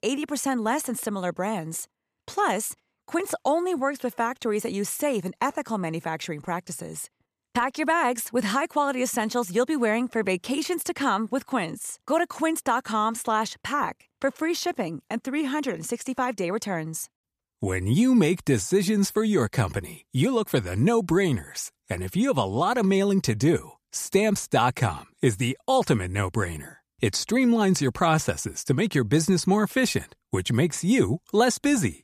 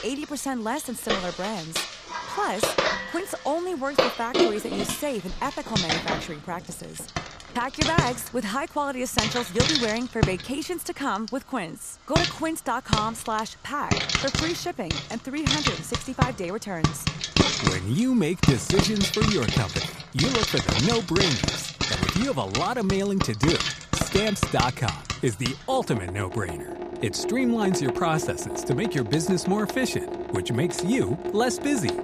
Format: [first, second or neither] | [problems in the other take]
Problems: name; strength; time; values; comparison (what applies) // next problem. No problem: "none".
first | household noises; very loud; throughout; 1 dB above the speech